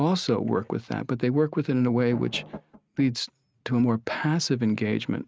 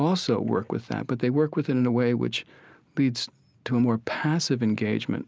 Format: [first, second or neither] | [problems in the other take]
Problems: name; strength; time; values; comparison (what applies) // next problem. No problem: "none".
second | noise reduction (neural mask model RNNoise)